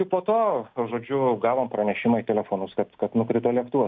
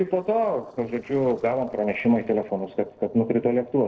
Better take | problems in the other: first | noise reduction (neural separator model SepFormer DNS4)

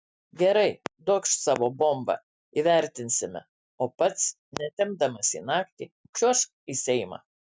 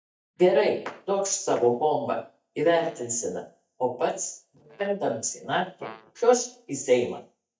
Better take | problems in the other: first | noise reduction (neural mask model DeepFilterNet 3)

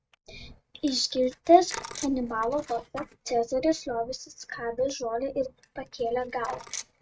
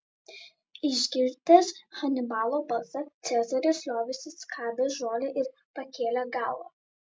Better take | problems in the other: second | noise reduction (neural mask model RNNoise)

